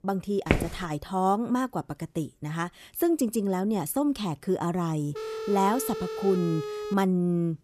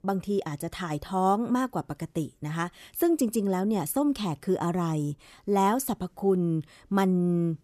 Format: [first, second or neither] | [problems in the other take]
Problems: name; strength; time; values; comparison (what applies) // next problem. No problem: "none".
second | footsteps; loud; at 0.5 s; peak level with the speech // phone ringing; noticeable; from 5 to 7 s; peak 6 dB below the speech